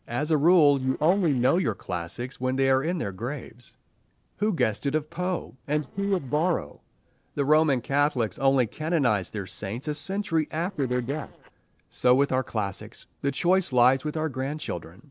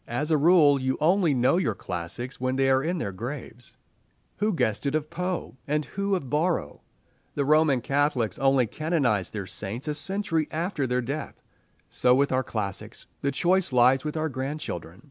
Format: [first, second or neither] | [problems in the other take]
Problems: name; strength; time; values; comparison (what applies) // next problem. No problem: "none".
second | noise reduction (neural separator model SepFormer DNS4)